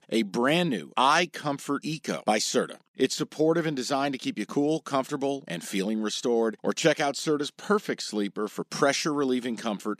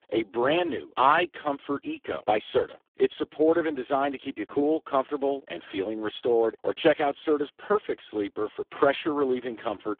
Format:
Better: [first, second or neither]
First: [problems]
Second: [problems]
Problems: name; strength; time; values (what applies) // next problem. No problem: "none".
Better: first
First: none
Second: phone-call audio; poor line